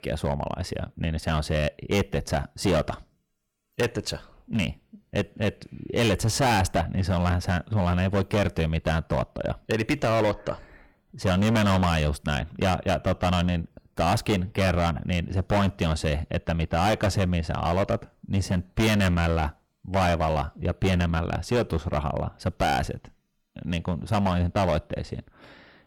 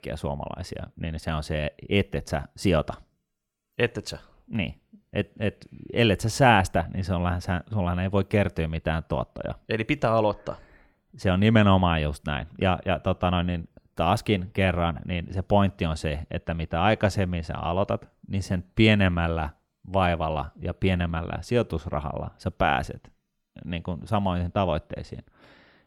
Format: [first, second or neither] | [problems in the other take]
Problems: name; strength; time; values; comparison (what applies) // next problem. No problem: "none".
second | distortion; heavy; 12% of the sound clipped